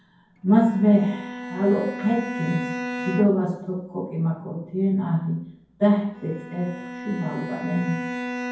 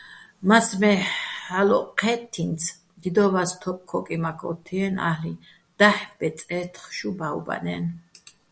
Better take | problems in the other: second | background sound (Bowed string instrument); 10 dB below the speech // room echo; dies away in 0.9 s

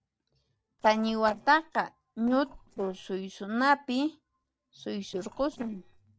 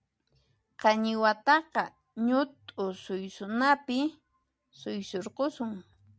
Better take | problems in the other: second | noise reduction (neural separator model SepFormer DNS4)

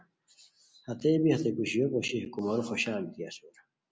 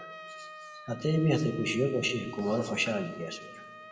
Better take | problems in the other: first | background sound (Trumpet); 15 dB below the speech // room echo; dies away in 1.2 s

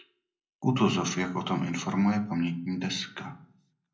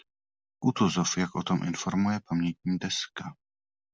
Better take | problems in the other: second | room echo; dies away in 0.4 s

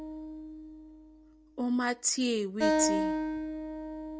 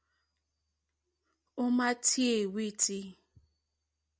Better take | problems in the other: second | background sound (Acoustic guitar); 1 dB above the speech

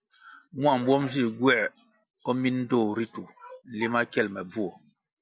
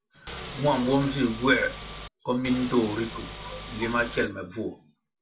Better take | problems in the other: first | background sound (Engine / Car); 11 dB below the speech // room echo; dies away in 0.2 s

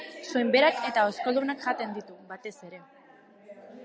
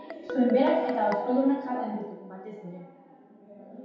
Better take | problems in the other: first | background sound (Guitar); 10 dB below the speech // room echo; dies away in 0.8 s

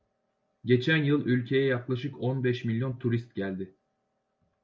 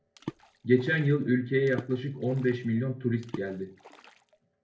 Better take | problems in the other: first | background sound (Water / Splash, splatter); 17 dB below the speech // room echo; dies away in 0.3 s

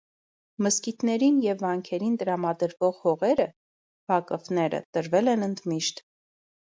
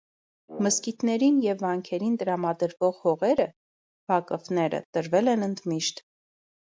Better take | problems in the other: first | background sound (Brass instrument); 18 dB below the speech

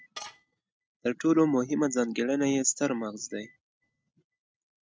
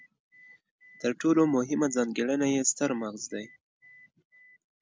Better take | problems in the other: second | noise reduction (neural mask model RNNoise)

